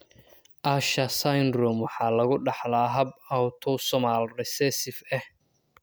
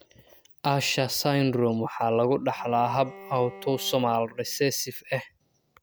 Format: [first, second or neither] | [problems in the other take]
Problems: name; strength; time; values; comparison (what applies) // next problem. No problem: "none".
first | background sound (Bowed string instrument); 20 dB below the speech